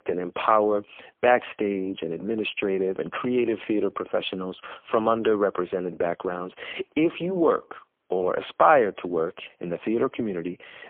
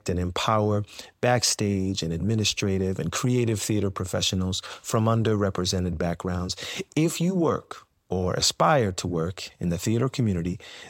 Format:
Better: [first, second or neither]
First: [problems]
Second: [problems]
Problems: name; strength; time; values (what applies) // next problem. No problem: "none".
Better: second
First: phone-call audio; poor line; nothing above 3.5 kHz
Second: none